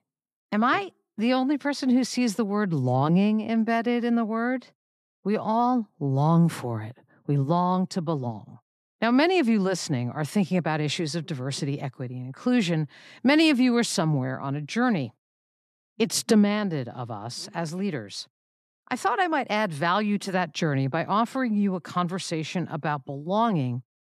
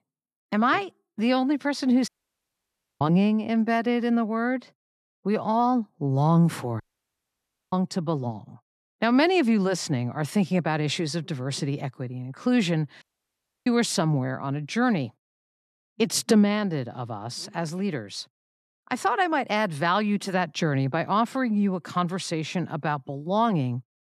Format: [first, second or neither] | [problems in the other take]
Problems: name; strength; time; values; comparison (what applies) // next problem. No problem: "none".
first | audio cutting out; at 2 s for 1 s, at 7 s for 1 s and at 13 s for 0.5 s